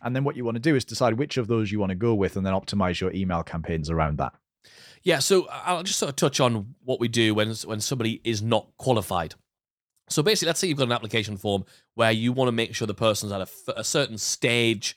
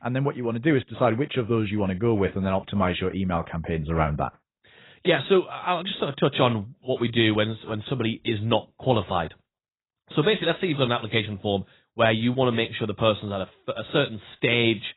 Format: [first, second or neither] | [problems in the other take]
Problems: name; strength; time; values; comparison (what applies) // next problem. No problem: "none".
first | garbled, watery; badly; nothing above 4 kHz